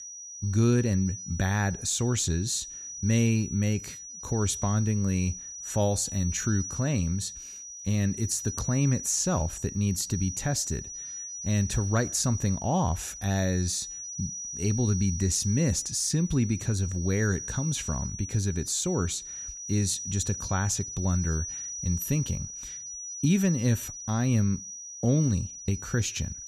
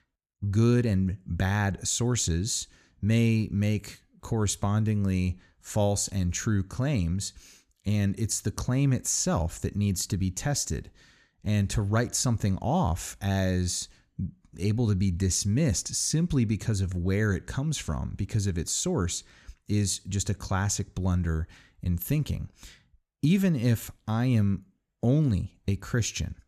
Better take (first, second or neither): second